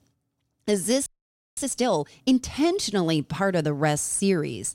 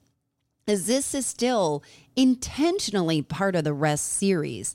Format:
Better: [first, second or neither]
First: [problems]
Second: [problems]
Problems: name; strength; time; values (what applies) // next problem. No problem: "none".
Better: second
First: audio freezing; at 1 s for 0.5 s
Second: none